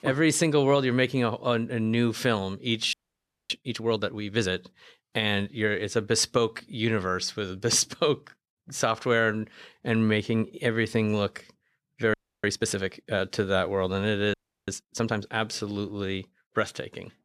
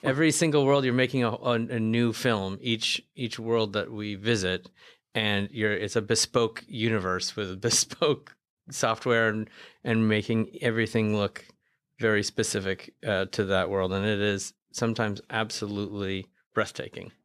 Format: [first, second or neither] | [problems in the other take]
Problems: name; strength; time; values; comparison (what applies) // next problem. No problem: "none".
second | audio freezing; at 3 s for 0.5 s, at 12 s and at 14 s